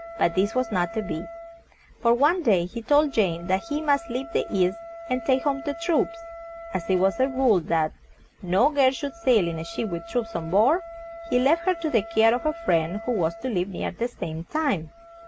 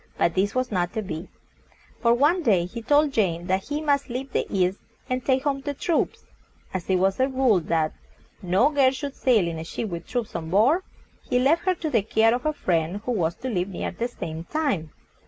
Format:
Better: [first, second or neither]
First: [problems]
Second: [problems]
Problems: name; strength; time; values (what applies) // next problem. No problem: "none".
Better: second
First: background sound (Wind instrument, woodwind instrument); 16 dB below the speech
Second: none